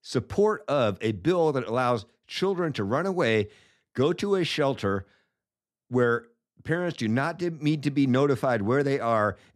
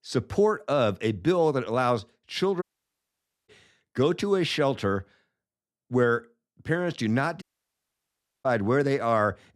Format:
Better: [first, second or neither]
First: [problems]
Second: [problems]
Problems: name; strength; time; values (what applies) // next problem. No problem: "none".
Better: first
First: none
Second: audio cutting out; at 2.5 s for 1 s and at 7.5 s for 1 s